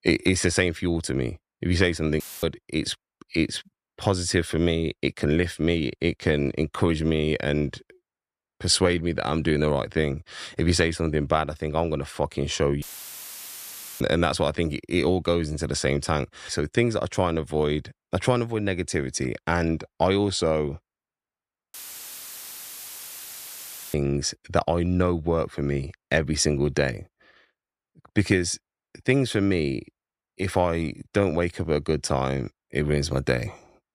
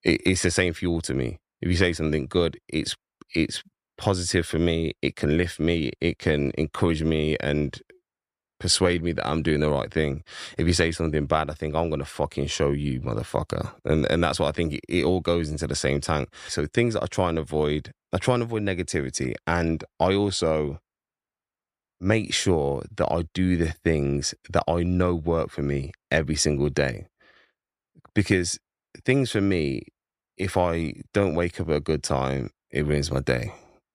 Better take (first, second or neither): second